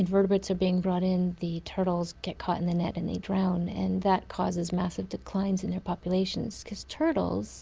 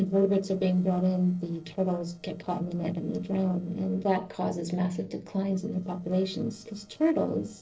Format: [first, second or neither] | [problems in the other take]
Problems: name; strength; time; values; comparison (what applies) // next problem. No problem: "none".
first | noise reduction (neural separator model SepFormer DNS4)